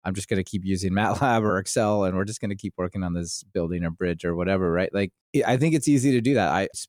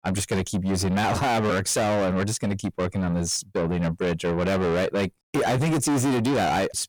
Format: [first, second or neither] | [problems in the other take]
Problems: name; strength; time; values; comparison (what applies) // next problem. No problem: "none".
first | distortion; heavy; 6 dB below the speech